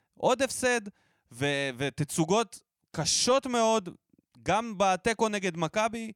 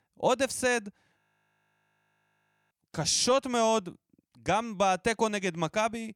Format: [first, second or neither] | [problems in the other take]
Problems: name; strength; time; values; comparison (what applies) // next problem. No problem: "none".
first | audio freezing; at 1 s for 1.5 s